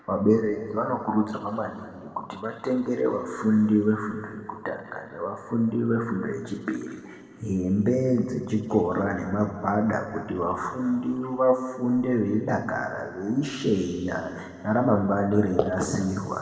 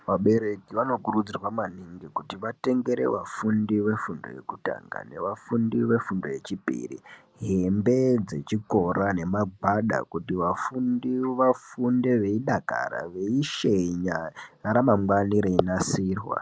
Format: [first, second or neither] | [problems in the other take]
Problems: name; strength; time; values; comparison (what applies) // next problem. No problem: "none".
second | room echo; dies away in 2.1 s